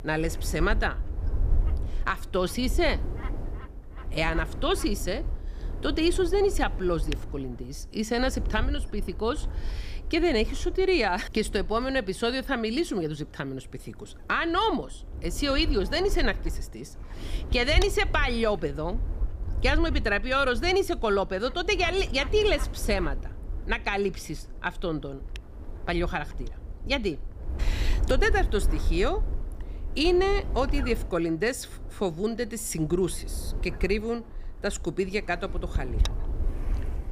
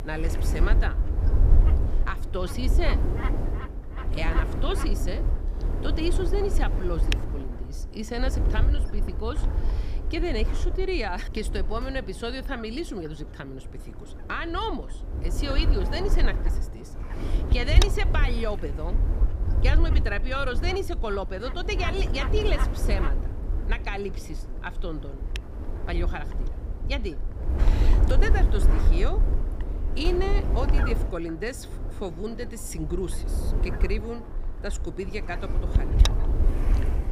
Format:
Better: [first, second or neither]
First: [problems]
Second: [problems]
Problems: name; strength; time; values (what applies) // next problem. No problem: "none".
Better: first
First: wind noise on the microphone; occasional gusts; 20 dB below the speech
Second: wind noise on the microphone; heavy; 6 dB below the speech